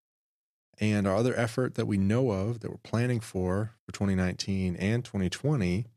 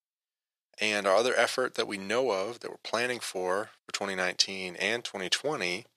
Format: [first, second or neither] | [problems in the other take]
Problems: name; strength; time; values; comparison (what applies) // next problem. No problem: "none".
first | thin; very; fading below 650 Hz